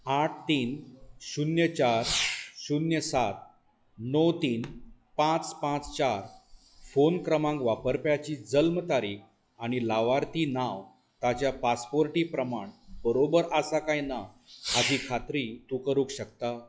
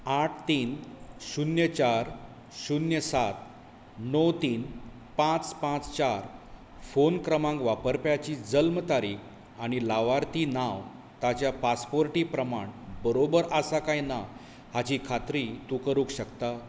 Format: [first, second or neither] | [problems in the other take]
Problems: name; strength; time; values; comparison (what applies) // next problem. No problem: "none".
second | noise reduction (classical method log-MMSE)